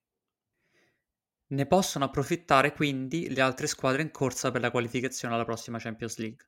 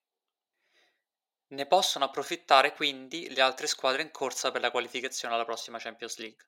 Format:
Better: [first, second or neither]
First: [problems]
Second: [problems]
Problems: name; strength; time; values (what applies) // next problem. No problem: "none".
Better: first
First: none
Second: thin; very; fading below 500 Hz